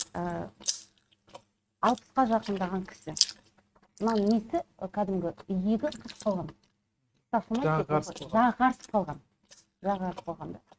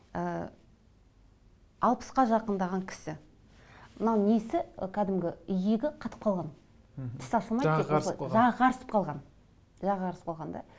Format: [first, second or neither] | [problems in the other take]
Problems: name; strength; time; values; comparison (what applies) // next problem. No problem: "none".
second | noise reduction (neural mask model RNNoise)